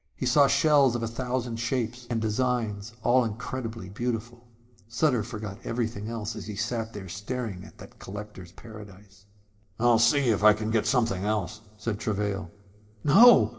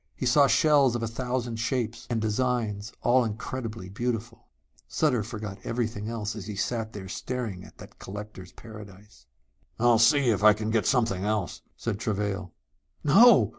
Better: second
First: room echo; dies away in 1.6 s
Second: none

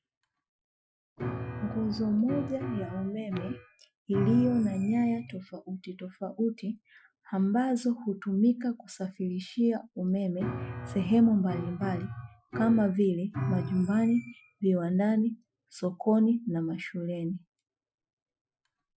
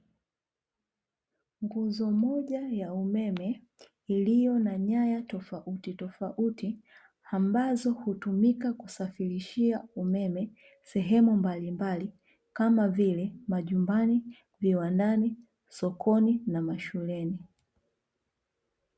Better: second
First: noise reduction (classical method Wiener filter)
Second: none

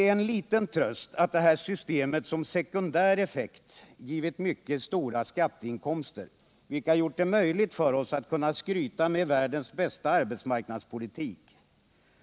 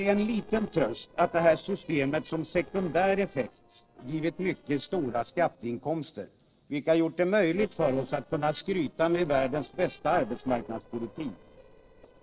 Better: first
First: none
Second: noise reduction (neural separator model SepFormer DNS4)

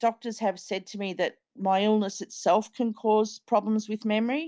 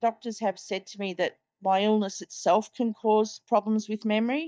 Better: first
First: none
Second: noise reduction (neural mask model DeepFilterNet 3)

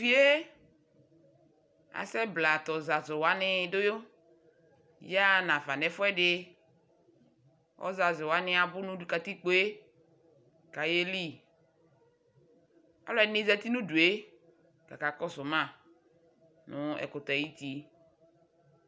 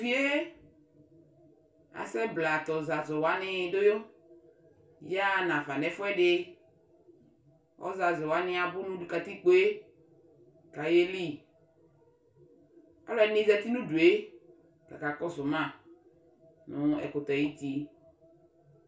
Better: first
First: none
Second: room echo; dies away in 0.3 s

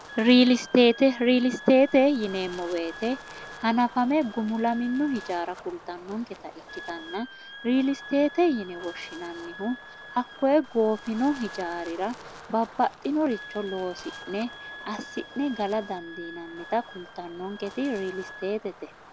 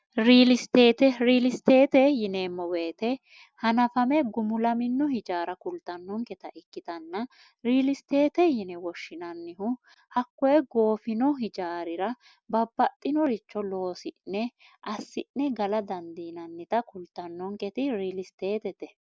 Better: second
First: background sound (Wind instrument, woodwind instrument + Wind); 17 dB below the speech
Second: none

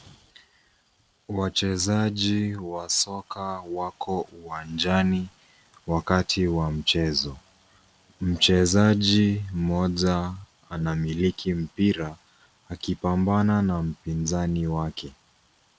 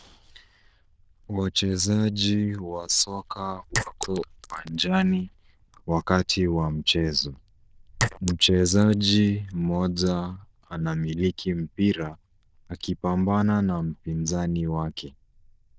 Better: first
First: none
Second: noise reduction (neural diffusion model UNIVERSE++)

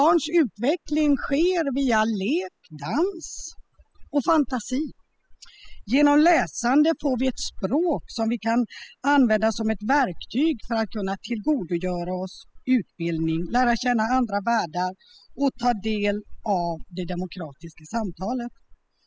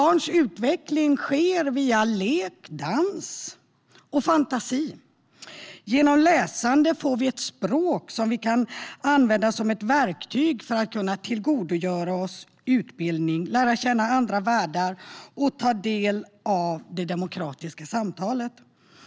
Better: second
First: noise reduction (classical method spectral subtraction)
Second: none

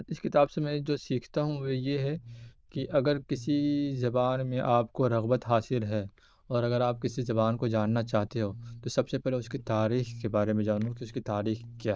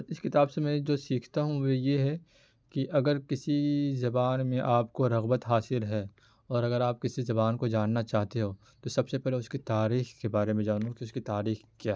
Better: second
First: noise reduction (neural diffusion model UNIVERSE++)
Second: none

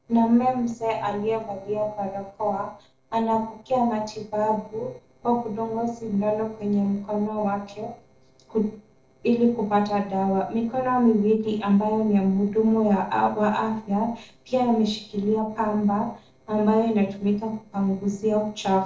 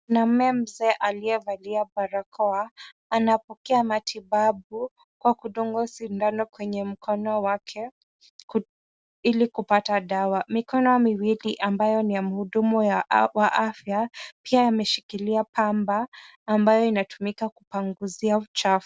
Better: second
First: noise reduction (neural separator model SepFormer DNS4)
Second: none

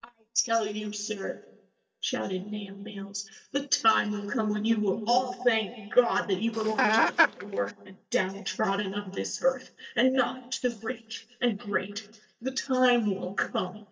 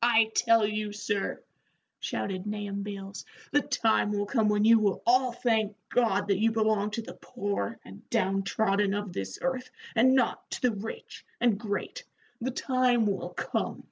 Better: second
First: noise reduction (neural mask model DeepFilterNet 3)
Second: none

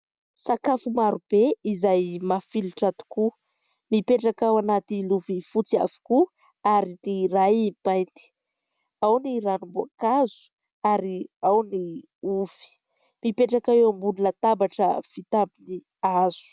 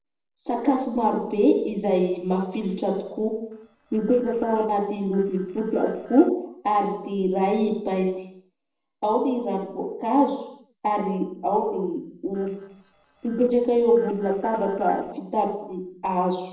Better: first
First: none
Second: noise reduction (neural separator model SepFormer DNS4)

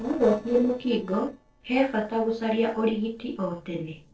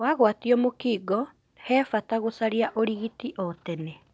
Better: second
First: noise reduction (neural separator model SepFormer DNS4)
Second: none

